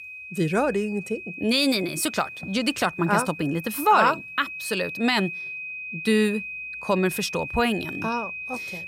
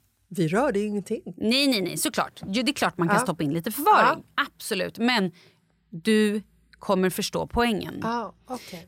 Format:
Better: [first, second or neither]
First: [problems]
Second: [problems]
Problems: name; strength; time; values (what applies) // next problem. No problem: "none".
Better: second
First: high-pitched whine; loud; throughout; 2.5 kHz, 10 dB below the speech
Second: none